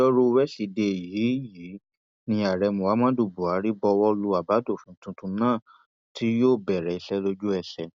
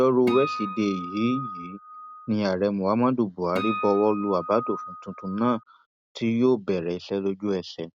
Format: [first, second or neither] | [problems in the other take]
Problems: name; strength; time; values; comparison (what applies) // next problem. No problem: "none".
first | background sound (Acoustic guitar); 9 dB below the speech